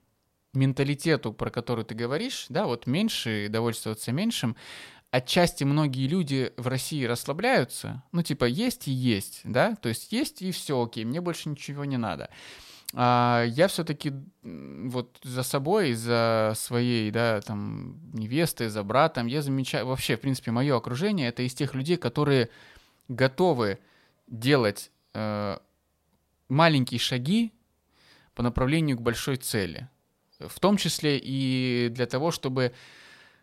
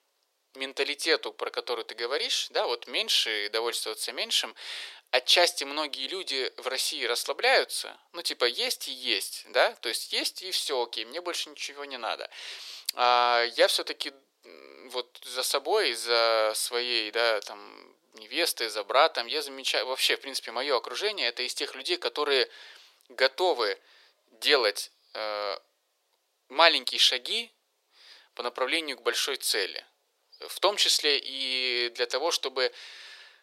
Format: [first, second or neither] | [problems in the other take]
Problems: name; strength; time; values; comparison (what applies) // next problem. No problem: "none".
first | thin; very; fading below 400 Hz